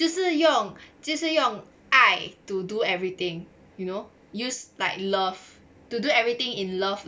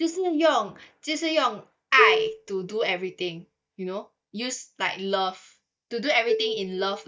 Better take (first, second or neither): first